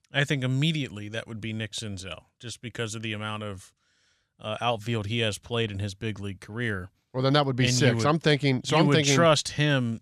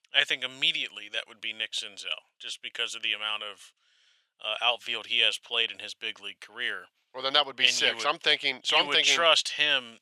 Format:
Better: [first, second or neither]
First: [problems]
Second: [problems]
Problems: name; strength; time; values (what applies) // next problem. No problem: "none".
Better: first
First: none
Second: thin; very; fading below 700 Hz